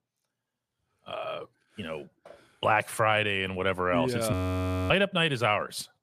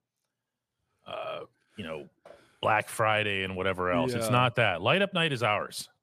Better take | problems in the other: second | audio freezing; at 4.5 s for 0.5 s

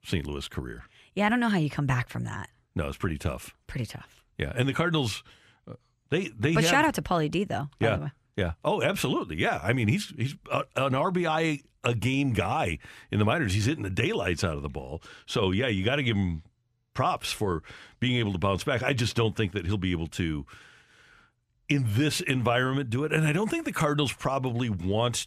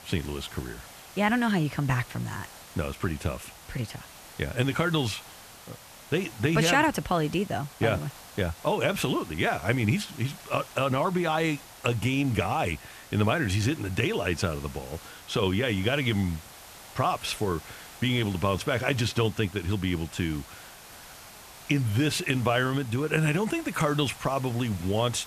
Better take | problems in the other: first | hiss; noticeable; throughout; 20 dB below the speech

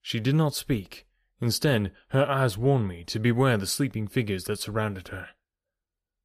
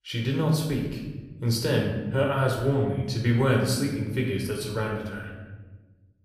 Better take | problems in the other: first | room echo; noticeable; dies away in 1.1 s // off-mic speech; somewhat distant

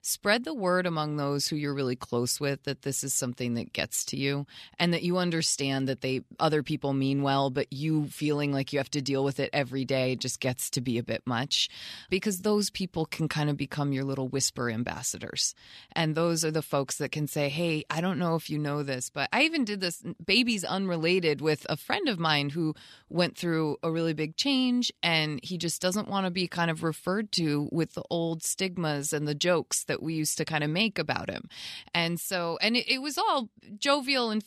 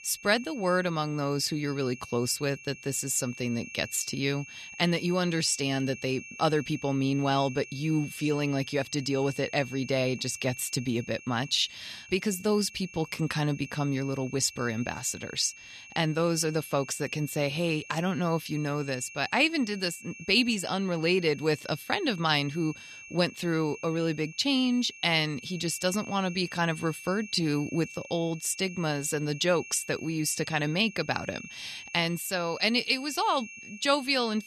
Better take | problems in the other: first | high-pitched whine; noticeable; throughout; 2.5 kHz, 15 dB below the speech

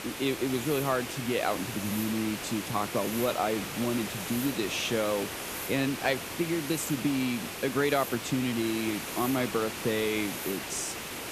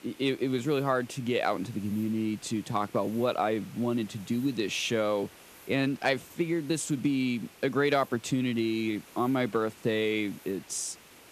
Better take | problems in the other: second | hiss; loud; throughout; 5 dB below the speech; faint in the second

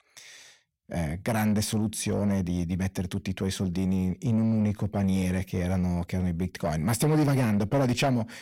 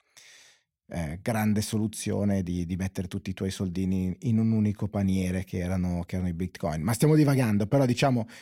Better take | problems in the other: second | distortion; slight; 10 dB below the speech

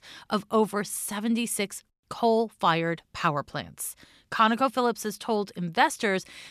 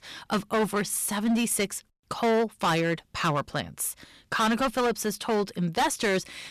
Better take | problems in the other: first | distortion; heavy; 12% of the sound clipped

